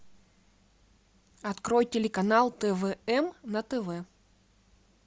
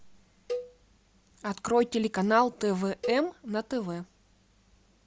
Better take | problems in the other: first | background sound (Cowbell); 12 dB below the speech

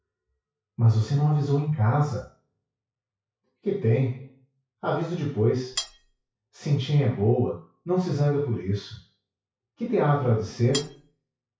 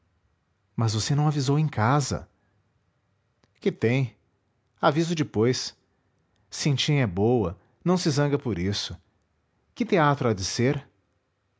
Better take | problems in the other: second | noise reduction (classical method WPE with log-MMSE)

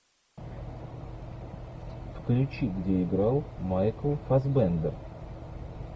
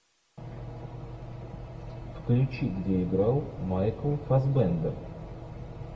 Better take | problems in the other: first | room echo; dies away in 1.4 s

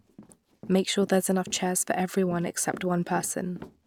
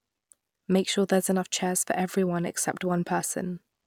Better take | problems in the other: second | background sound (Run); 19 dB below the speech

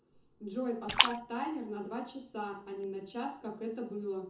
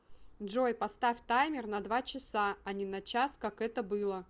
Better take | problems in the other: second | background sound (Splash, splatter); 3 dB above the speech // room echo; dies away in 0.6 s

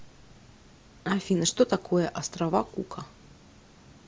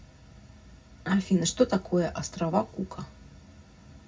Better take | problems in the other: first | room echo; dies away in 0.4 s

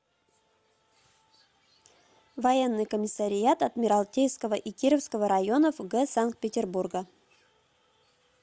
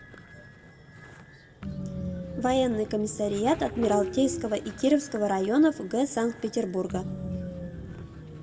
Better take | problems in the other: first | background sound (Train); 9 dB below the speech // room echo; dies away in 1.2 s

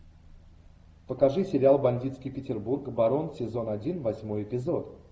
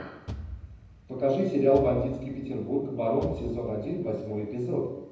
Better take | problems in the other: first | background sound (Bass drum / Thump, thud); 14 dB below the speech // room echo; dies away in 0.9 s

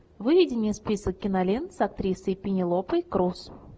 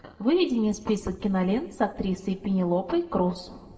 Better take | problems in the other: first | room echo; dies away in 1.2 s

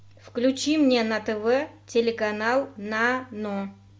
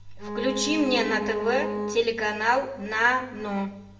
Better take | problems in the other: first | background sound (Bowed string instrument); 6 dB below the speech // room echo; dies away in 0.8 s

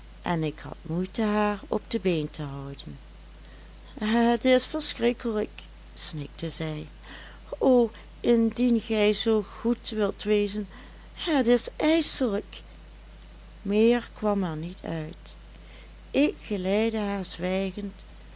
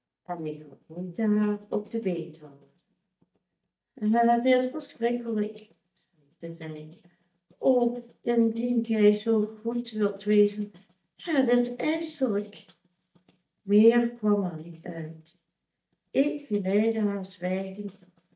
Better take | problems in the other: first | noise reduction (neural mask model DeepFilterNet 3)

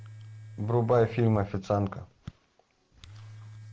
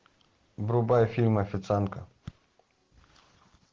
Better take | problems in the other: second | background sound (Domestic sounds, home sounds); 18 dB below the speech

